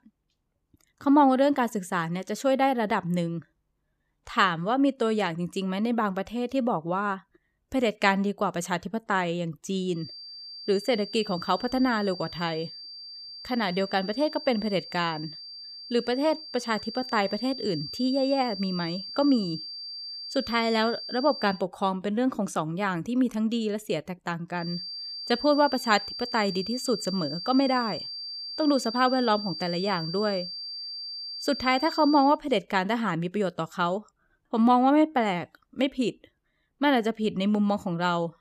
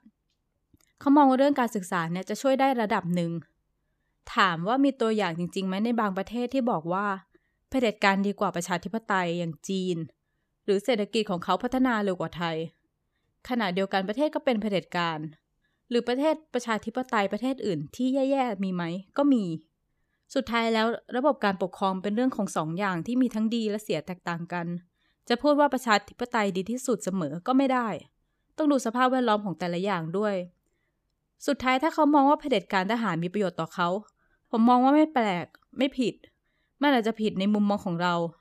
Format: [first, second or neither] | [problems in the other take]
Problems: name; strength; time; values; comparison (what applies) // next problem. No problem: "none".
second | high-pitched whine; loud; from 10 to 22 s and from 25 to 32 s; 4.5 kHz, 9 dB below the speech